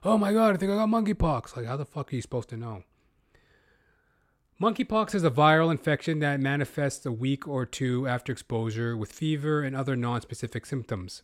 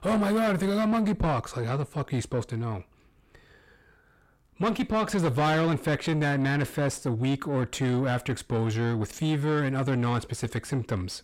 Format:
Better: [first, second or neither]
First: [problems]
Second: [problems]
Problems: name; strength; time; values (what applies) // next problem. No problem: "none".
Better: first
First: none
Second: distortion; heavy; 7 dB below the speech